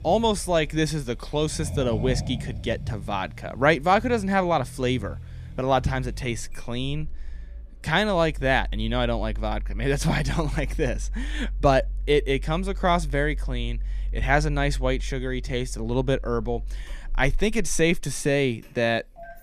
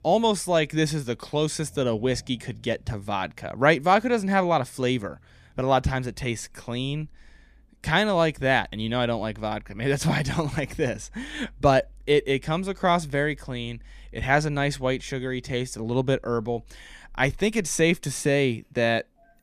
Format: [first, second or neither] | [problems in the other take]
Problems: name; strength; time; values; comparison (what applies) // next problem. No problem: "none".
second | traffic noise; loud; throughout; 10 dB below the speech; faint in the second